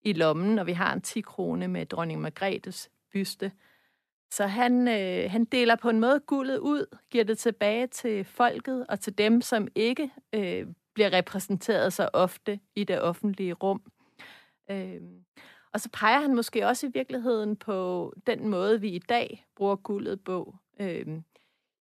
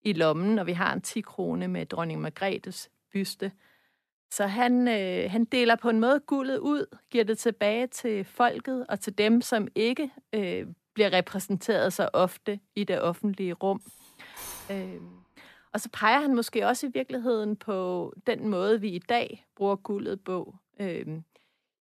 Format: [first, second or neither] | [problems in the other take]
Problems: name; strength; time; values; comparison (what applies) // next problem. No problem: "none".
first | clattering dishes; faint; from 14 to 15 s; peak 10 dB below the speech